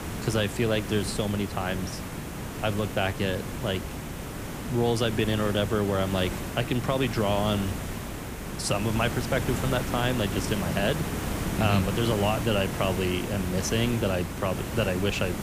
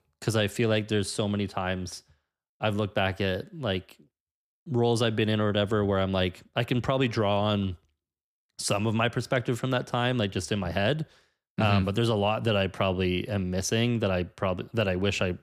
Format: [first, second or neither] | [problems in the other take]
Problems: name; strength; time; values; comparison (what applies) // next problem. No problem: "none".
second | hiss; loud; throughout; 5 dB below the speech